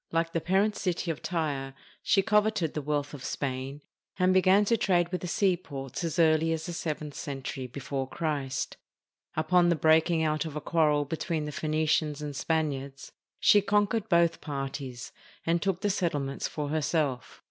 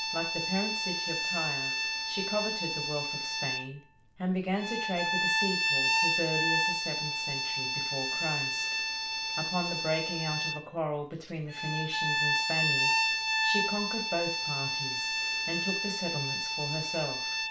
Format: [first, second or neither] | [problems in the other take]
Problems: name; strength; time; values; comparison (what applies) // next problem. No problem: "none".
first | background sound (Bowed string instrument); 5 dB above the speech // room echo; dies away in 0.4 s